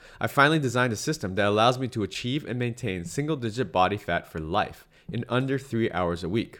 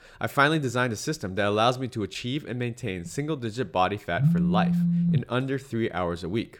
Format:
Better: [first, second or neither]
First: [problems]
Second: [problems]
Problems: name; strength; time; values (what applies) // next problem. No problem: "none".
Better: first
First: none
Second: phone ringing; loud; from 4 to 5 s; peak 5 dB above the speech